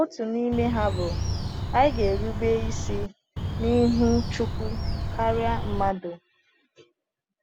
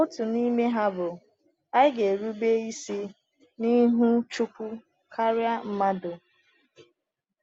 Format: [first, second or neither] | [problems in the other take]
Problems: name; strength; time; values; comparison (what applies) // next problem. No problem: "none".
second | background sound (Bird); 1 dB below the speech